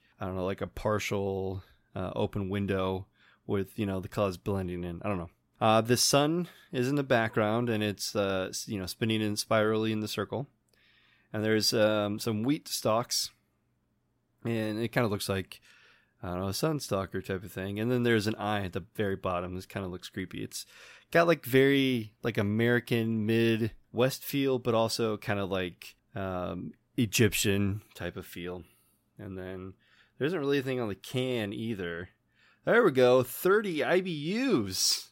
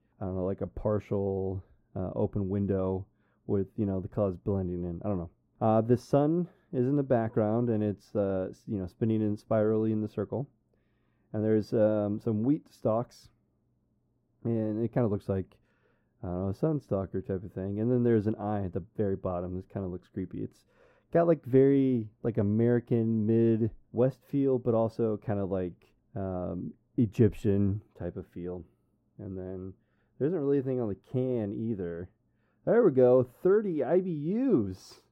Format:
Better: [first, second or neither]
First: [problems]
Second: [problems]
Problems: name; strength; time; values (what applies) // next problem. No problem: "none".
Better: first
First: none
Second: muffled; very; fading above 1.5 kHz